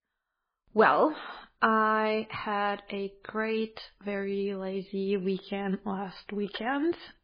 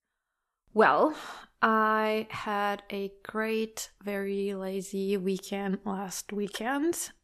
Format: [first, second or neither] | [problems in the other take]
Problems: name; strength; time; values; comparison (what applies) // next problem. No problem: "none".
second | garbled, watery; badly; nothing above 4 kHz